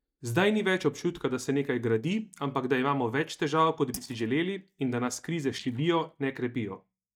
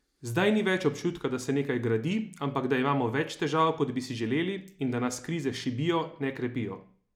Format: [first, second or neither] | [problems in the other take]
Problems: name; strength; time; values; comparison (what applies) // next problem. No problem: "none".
second | noise reduction (neural mask model DeepFilterNet 3)